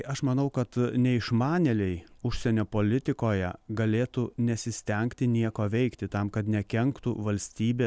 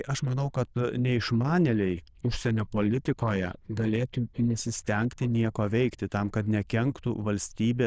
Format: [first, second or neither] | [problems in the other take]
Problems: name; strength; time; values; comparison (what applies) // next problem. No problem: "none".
first | noise reduction (neural diffusion model UNIVERSE++)